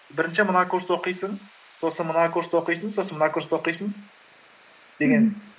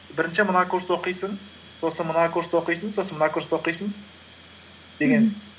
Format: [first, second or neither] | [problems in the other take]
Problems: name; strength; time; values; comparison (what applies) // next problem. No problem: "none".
second | noise reduction (neural mask model Resemble Enhance denoiser)